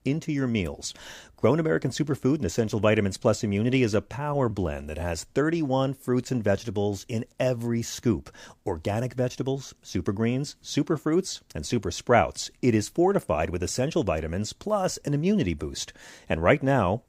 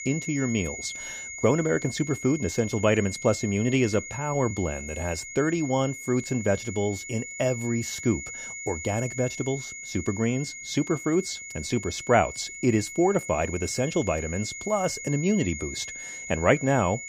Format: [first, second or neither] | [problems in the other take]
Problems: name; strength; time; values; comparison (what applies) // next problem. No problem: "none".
first | high-pitched whine; loud; throughout; 2 kHz, 9 dB below the speech